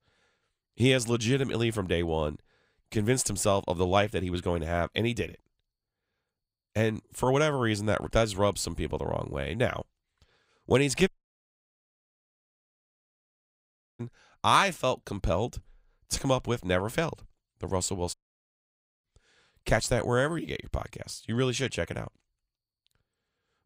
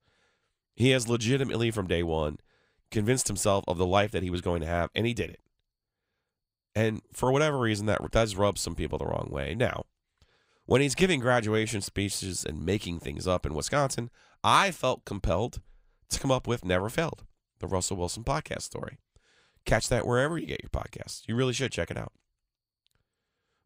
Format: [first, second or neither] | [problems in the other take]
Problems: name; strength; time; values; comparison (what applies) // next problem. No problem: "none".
second | audio cutting out; at 11 s for 3 s and at 18 s for 1 s